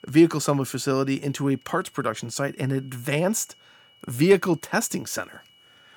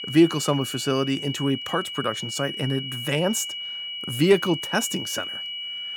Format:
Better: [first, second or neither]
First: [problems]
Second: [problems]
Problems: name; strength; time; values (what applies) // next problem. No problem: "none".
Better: first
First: high-pitched whine; faint; throughout; 3 kHz, 30 dB below the speech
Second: high-pitched whine; loud; throughout; 3 kHz, 6 dB below the speech